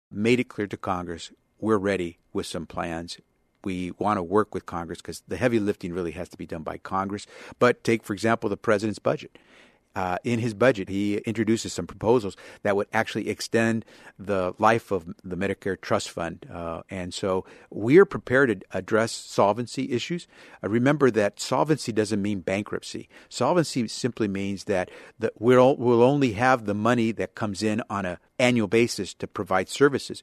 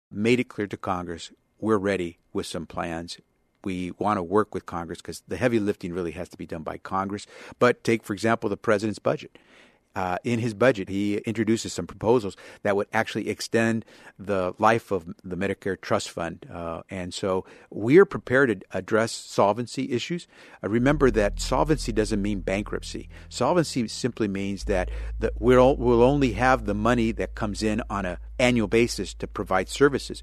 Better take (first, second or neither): first